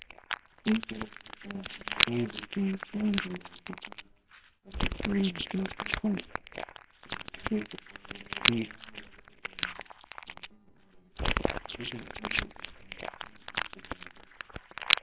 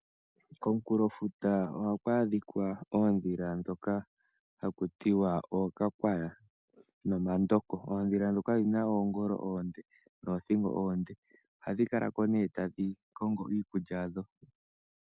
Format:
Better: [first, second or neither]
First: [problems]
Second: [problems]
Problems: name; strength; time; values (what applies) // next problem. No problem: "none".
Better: second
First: noise reduction (neural separator model SepFormer WHAMR!)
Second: none